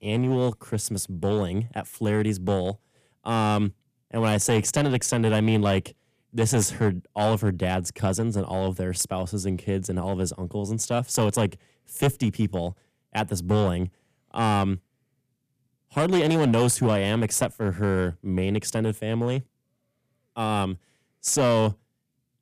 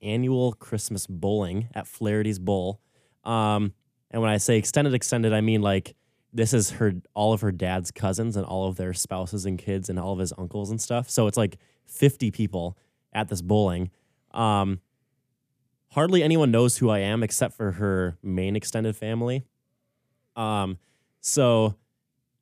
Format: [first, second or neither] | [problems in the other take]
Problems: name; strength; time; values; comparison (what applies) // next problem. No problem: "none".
second | distortion; slight; 4% of the sound clipped